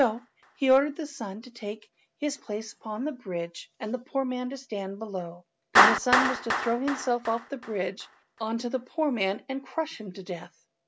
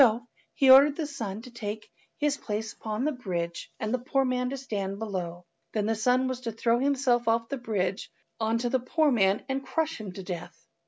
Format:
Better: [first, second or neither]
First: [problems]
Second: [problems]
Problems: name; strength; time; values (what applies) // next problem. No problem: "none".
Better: second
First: background sound (Clapping); 2 dB below the speech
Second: none